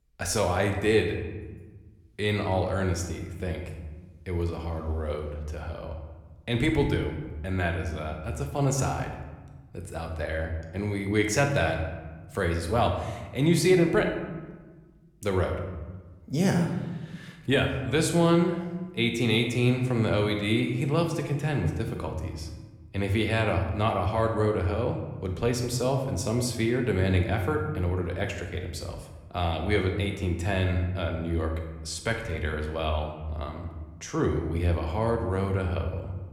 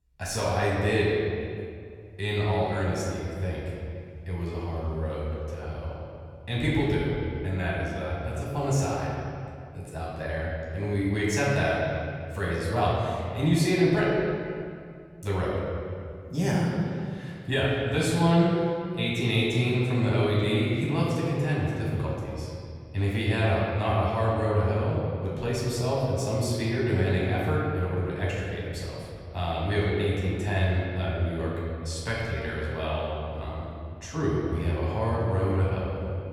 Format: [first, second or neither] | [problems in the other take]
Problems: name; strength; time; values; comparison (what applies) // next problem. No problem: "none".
first | room echo; strong; dies away in 2.2 s; slight in the first // off-mic speech; far